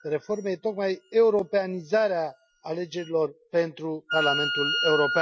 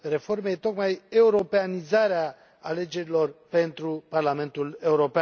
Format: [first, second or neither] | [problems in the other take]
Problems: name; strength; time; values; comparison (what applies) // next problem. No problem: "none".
second | noise reduction (classical method Wiener filter)